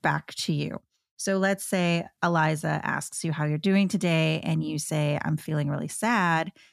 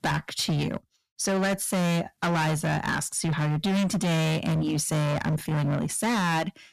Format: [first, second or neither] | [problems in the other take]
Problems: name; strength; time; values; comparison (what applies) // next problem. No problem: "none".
first | distortion; heavy; 27% of the sound clipped